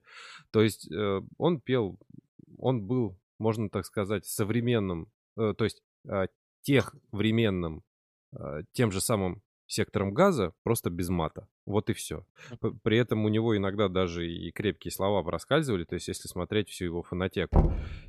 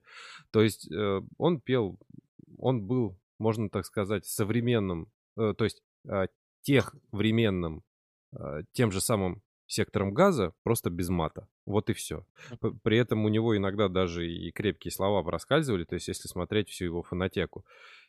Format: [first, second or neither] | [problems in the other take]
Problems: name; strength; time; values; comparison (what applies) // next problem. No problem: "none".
second | door banging; loud; at 18 s; peak 3 dB above the speech